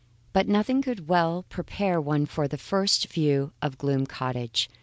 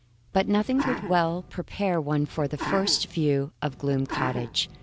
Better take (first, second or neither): first